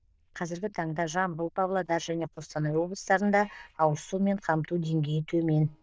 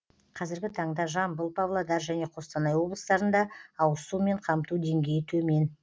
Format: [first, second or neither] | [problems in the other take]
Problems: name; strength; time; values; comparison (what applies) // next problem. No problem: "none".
second | noise reduction (neural diffusion model UNIVERSE++)